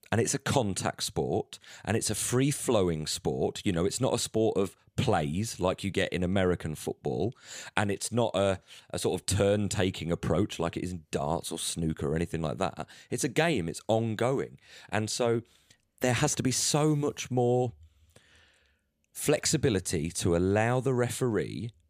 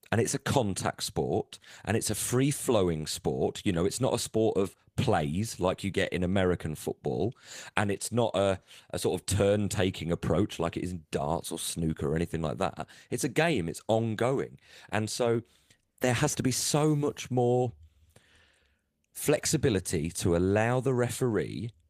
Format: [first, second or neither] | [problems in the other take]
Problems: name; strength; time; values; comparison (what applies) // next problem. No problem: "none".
first | garbled, watery; slightly